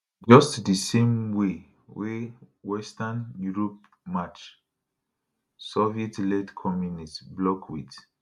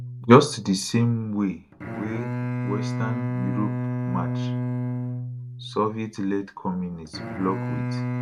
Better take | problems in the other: first | background sound (Bowed string instrument); 4 dB below the speech

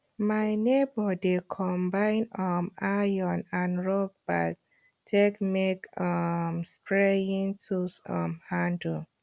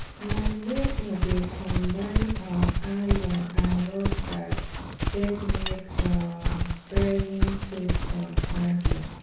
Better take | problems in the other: first | background sound (Livestock, farm animals, working animals); 2 dB above the speech // room echo; dies away in 0.5 s

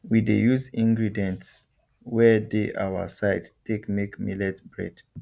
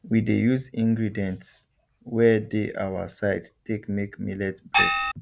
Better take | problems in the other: first | background sound (Gong); 4 dB above the speech

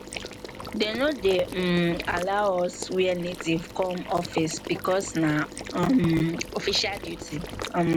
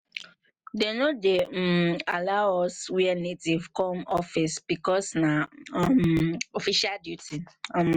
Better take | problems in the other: second | background sound (Water / Liquid); 12 dB below the speech

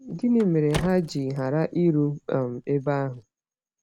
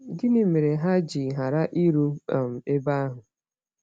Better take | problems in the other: second | background sound (Car); 16 dB below the speech

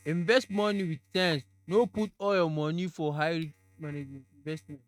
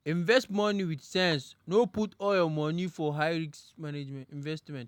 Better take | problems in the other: second | noise reduction (neural mask model RNNoise)

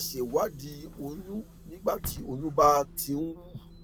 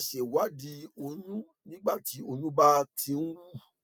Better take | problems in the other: second | background sound (Bus / Engine); 15 dB below the speech

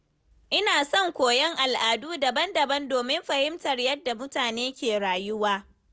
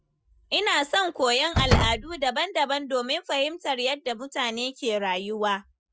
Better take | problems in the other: first | noise reduction (classical method Wiener filter)

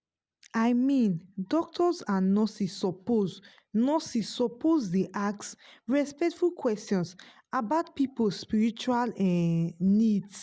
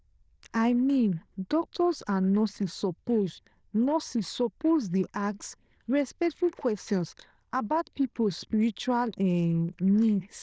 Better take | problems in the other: first | noise reduction (neural diffusion model UNIVERSE++)

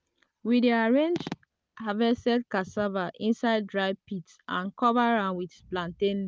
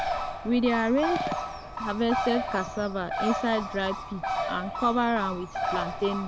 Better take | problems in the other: first | background sound (Bird); 4 dB below the speech

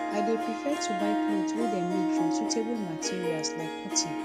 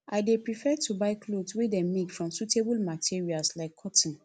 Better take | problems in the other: second | background sound (Harp); 3 dB above the speech

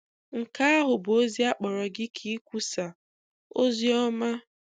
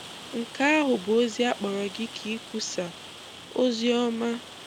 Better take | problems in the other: first | background sound (Rain); 15 dB below the speech

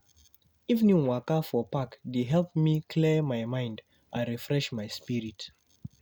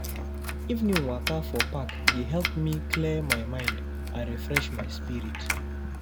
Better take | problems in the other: first | background sound (Domestic sounds, home sounds + Musical instrument); 1 dB above the speech

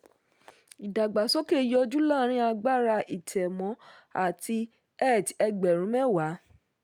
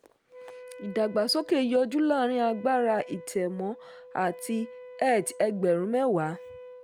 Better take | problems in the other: first | background sound (Wind instrument, woodwind instrument); 18 dB below the speech

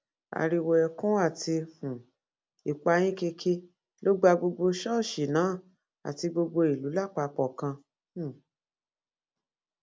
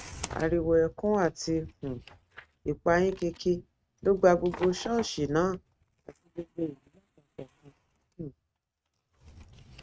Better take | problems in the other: first | noise reduction (neural mask model RNNoise)

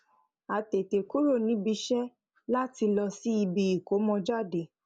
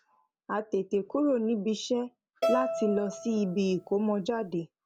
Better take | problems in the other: first | background sound (Bowed string instrument); 4 dB below the speech

